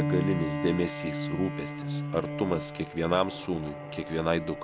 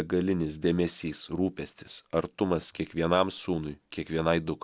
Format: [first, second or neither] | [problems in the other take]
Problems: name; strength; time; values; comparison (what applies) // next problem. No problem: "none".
second | background sound (Bowed string instrument); 4 dB below the speech